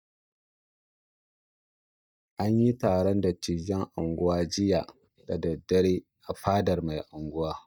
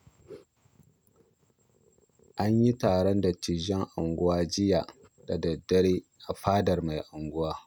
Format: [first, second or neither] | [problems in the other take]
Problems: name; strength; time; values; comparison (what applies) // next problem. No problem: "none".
second | noise reduction (neural mask model DeepFilterNet 3)